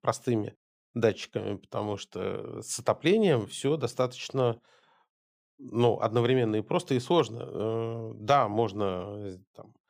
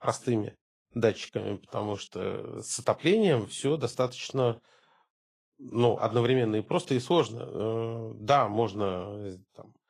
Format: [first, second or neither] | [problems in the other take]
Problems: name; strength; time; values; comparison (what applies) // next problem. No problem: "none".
first | garbled, watery; slightly